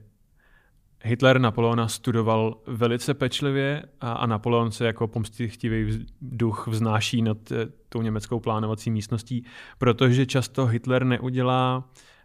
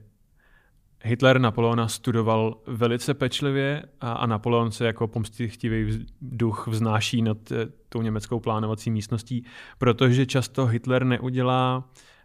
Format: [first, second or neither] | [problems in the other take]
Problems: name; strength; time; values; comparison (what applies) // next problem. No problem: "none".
neither | none